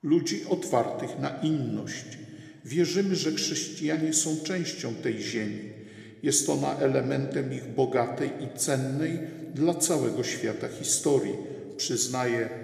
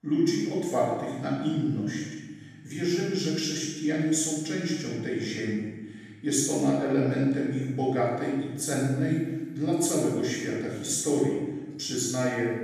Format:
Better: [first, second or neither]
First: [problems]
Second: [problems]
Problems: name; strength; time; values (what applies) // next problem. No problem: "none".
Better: first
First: room echo; slight; dies away in 1.3 s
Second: room echo; strong; dies away in 1.2 s // off-mic speech; far